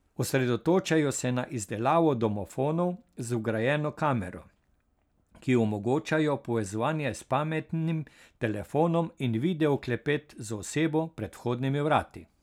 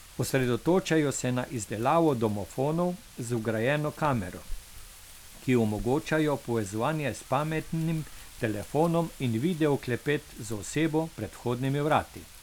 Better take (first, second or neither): first